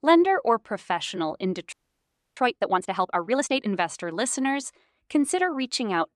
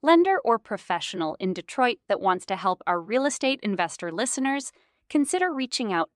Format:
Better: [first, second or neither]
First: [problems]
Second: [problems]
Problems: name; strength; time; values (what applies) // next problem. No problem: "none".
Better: second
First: audio freezing; at 1.5 s for 0.5 s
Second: none